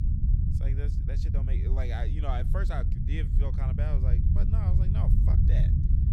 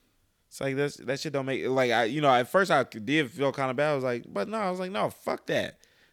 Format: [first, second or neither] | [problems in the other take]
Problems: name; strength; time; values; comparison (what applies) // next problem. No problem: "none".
second | low rumble; loud; throughout; 1 dB below the speech